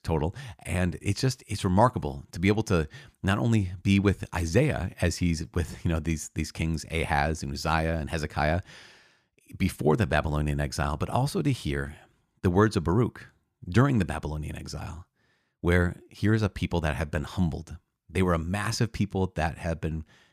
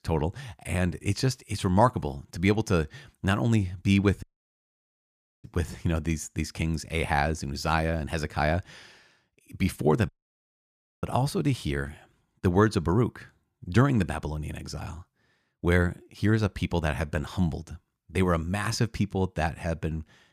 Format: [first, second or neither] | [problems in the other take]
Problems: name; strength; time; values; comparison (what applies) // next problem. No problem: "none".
first | audio cutting out; at 4 s for 1 s and at 10 s for 1 s